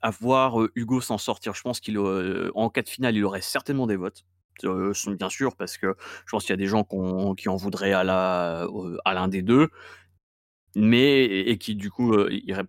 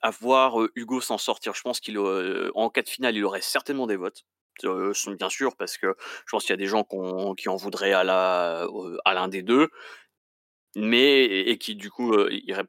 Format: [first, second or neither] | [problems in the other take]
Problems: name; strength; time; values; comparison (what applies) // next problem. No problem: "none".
first | thin; very slightly; fading below 300 Hz